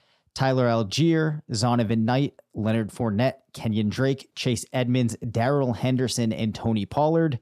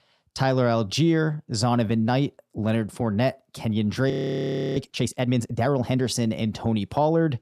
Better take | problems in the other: first | audio freezing; at 4 s for 0.5 s

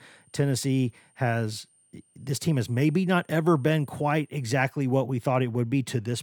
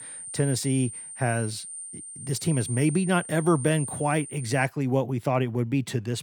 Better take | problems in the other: first | high-pitched whine; loud; until 4.5 s; 9 kHz, 9 dB below the speech; faint in the first

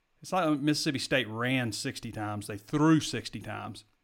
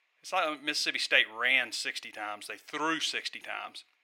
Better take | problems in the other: first | thin; very; fading below 600 Hz

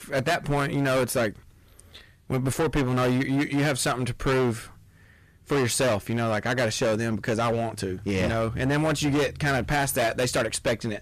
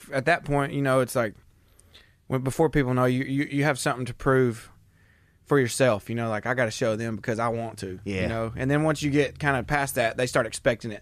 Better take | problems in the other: second | distortion; heavy; 18% of the sound clipped

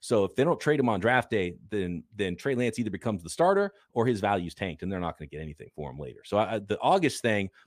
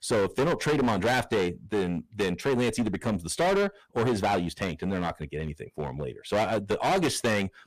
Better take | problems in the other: first | distortion; heavy; 17% of the sound clipped

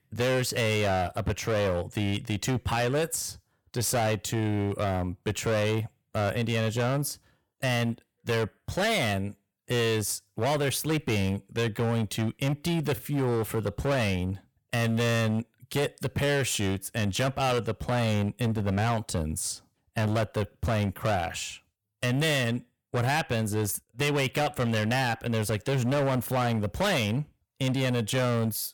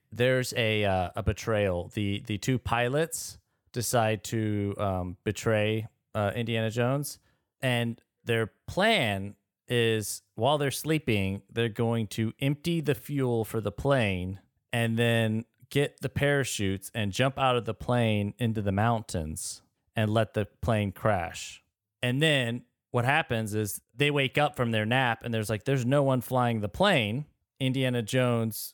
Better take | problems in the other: second | distortion; heavy; 20% of the sound clipped

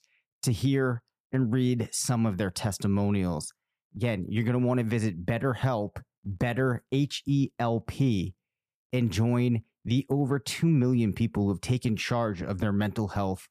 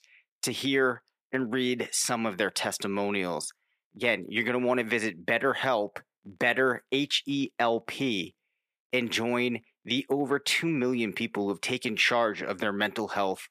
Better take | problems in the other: first | thin; somewhat; fading below 400 Hz

